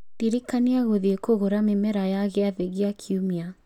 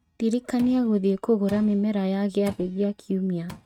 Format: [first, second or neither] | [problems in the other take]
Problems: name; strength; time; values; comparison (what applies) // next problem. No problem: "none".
first | noise reduction (neural mask model RNNoise)